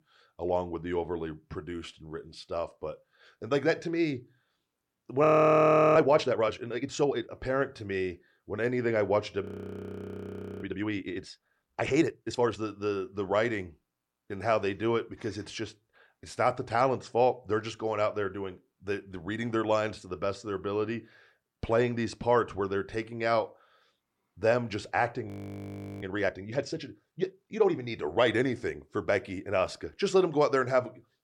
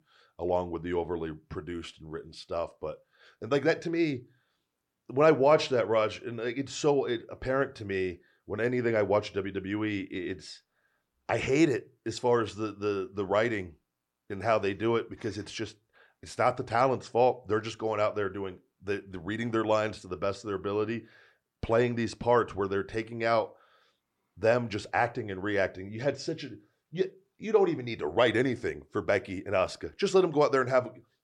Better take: second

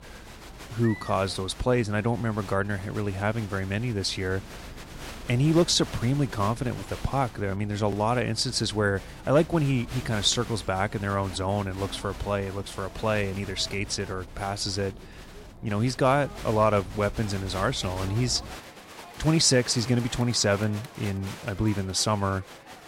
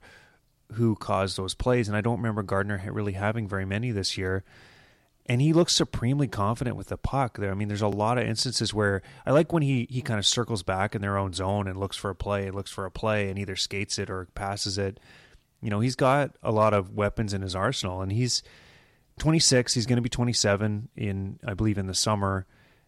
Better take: second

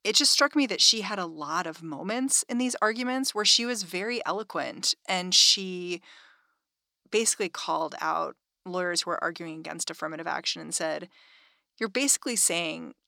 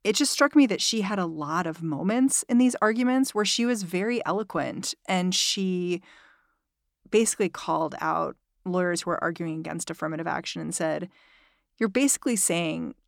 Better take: second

